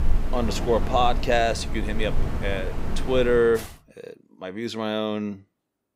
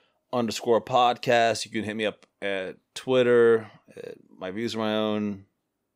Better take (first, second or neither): second